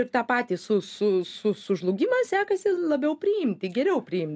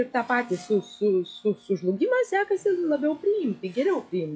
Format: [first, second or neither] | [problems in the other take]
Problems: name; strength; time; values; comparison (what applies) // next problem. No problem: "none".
first | noise reduction (classical method log-MMSE)